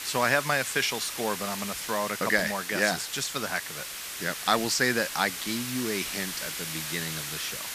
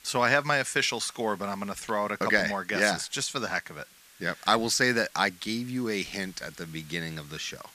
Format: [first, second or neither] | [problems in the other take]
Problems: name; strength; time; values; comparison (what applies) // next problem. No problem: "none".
second | hiss; loud; throughout; 5 dB below the speech; faint in the second